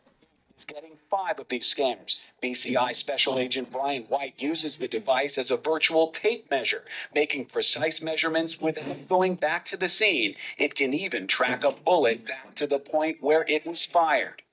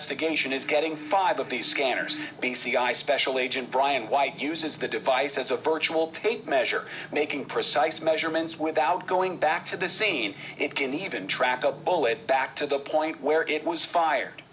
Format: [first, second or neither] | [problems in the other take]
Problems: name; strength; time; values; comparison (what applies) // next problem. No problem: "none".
second | noise reduction (neural mask model DeepFilterNet 3)